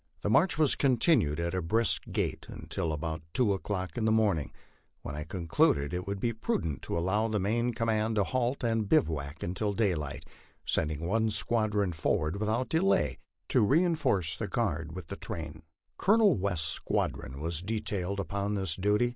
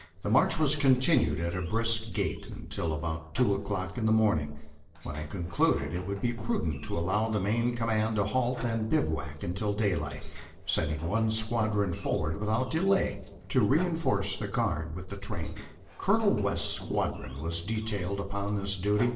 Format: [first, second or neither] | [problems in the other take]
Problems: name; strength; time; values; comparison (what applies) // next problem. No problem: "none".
first | noise reduction (neural separator model SepFormer DNS4)